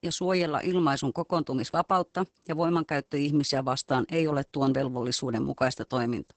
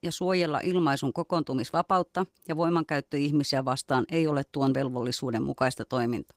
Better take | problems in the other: second | garbled, watery; badly; nothing above 8 kHz; slightly in the second

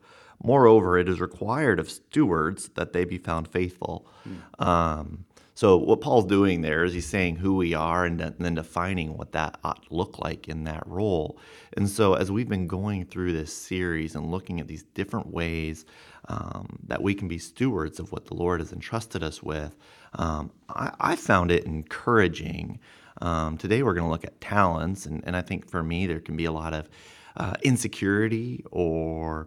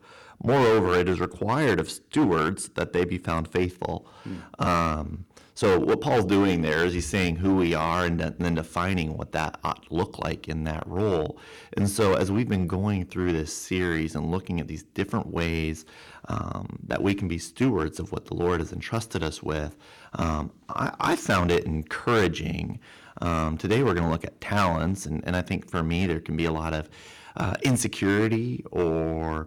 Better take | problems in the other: first | distortion; heavy; 6% of the sound clipped

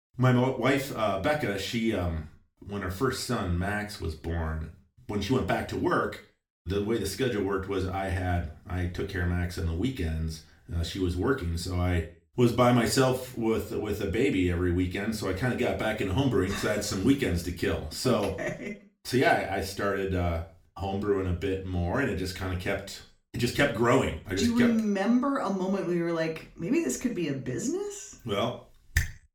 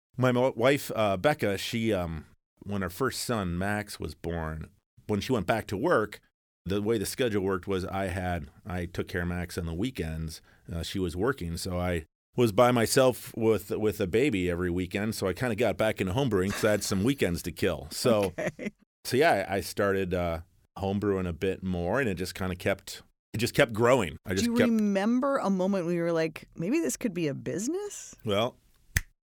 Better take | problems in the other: second | room echo; slight; dies away in 0.3 s // off-mic speech; far

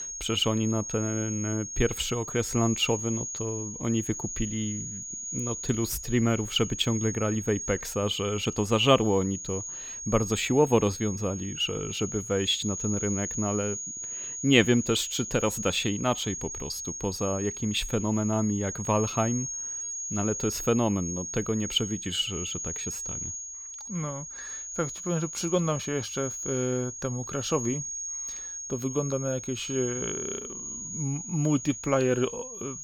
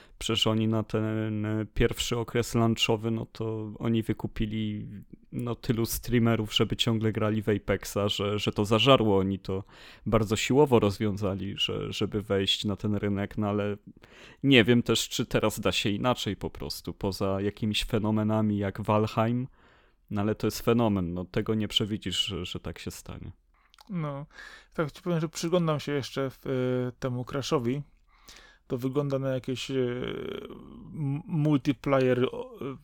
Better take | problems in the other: second | high-pitched whine; loud; throughout; 6.5 kHz, 6 dB below the speech

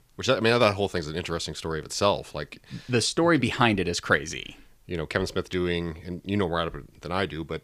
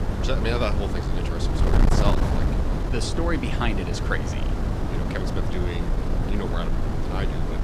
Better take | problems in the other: first | wind noise on the microphone; heavy; 1 dB below the speech

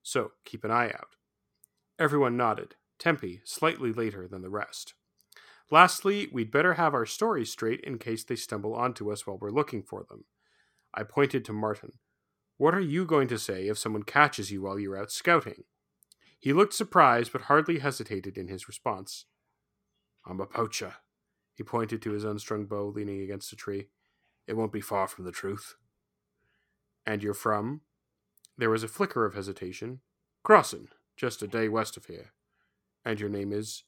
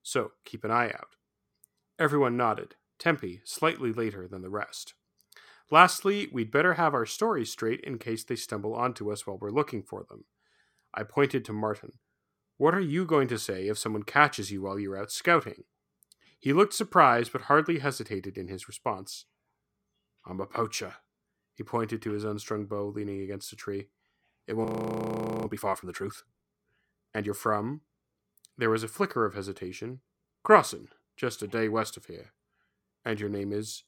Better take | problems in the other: first | audio freezing; at 25 s for 1 s

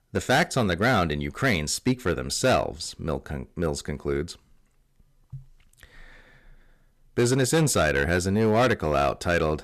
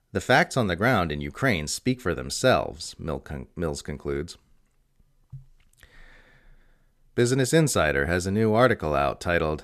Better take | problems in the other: second | distortion; slight; 5% of the sound clipped

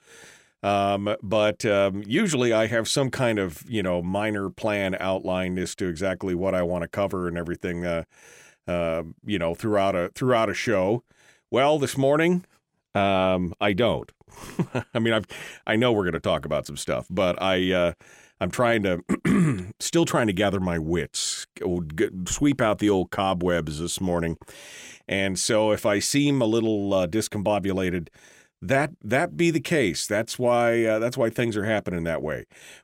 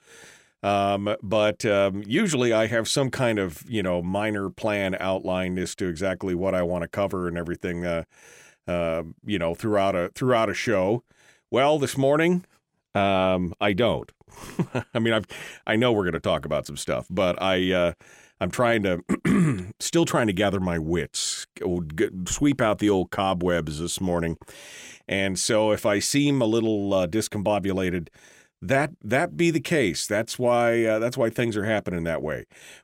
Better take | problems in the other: neither | none

